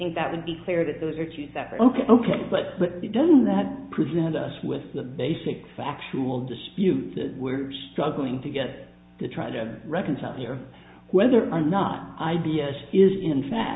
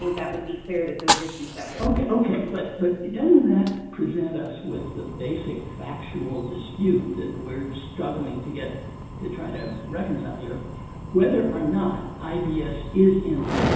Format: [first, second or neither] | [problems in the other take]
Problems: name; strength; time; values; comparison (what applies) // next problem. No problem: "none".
first | background sound (Fire); 7 dB below the speech // room echo; dies away in 0.9 s